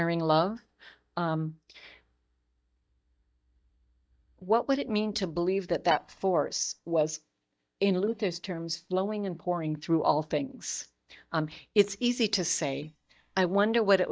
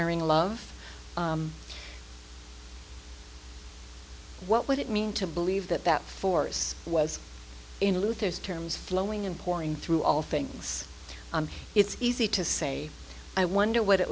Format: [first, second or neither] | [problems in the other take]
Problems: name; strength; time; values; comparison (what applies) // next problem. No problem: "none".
second | noise reduction (neural mask model DeepFilterNet 3)